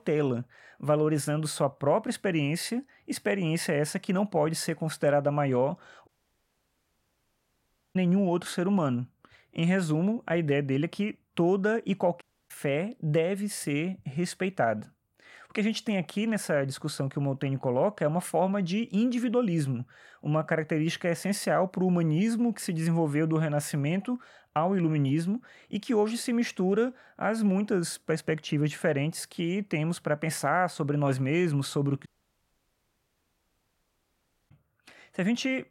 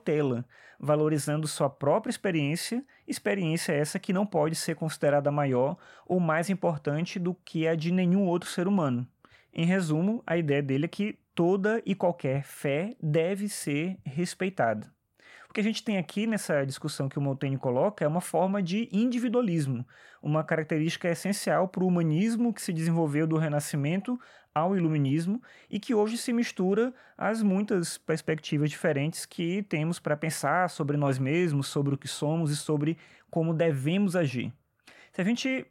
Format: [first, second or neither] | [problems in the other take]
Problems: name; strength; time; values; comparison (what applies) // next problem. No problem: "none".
second | audio cutting out; at 6 s for 2 s, at 12 s and at 32 s for 2.5 s